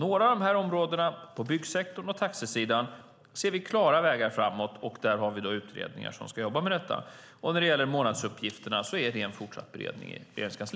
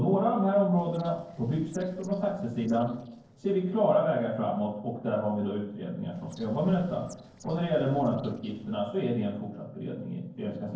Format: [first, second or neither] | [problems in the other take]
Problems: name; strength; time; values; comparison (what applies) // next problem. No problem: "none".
first | noise reduction (neural separator model SepFormer DNS4)